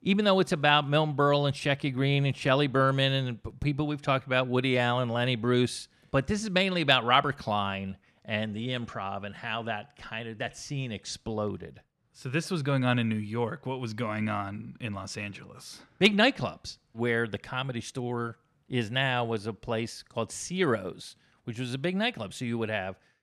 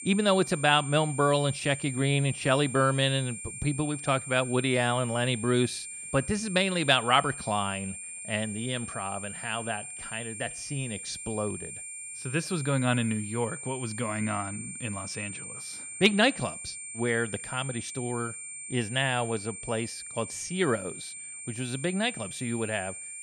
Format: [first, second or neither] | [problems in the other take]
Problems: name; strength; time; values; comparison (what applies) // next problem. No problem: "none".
first | high-pitched whine; loud; throughout; 9 kHz, 9 dB below the speech